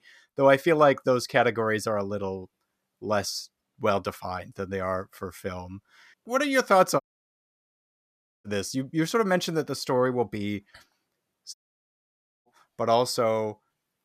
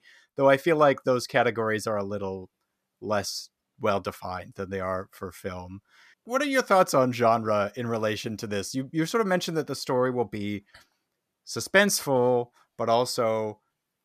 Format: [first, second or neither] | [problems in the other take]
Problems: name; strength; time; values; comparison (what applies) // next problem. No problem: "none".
second | audio cutting out; at 7 s for 1.5 s and at 12 s for 1 s